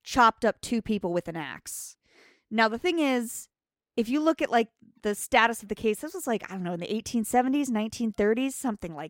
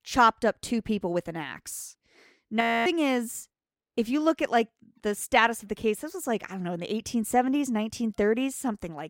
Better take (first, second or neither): first